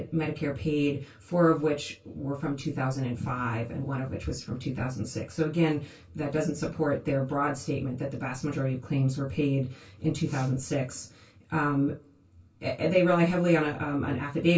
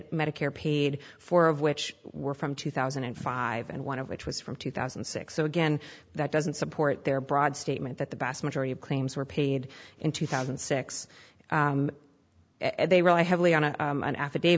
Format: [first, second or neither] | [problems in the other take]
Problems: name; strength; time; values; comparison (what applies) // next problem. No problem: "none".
second | room echo; dies away in 0.2 s